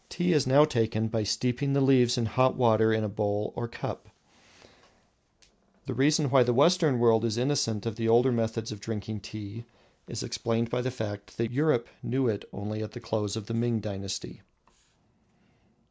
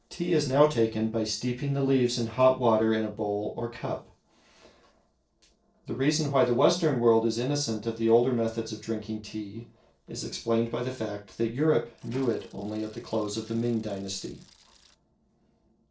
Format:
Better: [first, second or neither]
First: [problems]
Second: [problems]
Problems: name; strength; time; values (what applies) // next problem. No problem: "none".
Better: first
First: none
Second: noise reduction (neural separator model SepFormer DNS4)